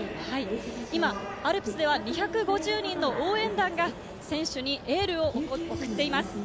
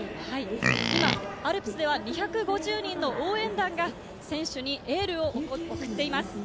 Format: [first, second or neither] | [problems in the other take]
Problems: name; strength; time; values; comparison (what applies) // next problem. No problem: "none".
first | background sound (Livestock, farm animals, working animals); 2 dB above the speech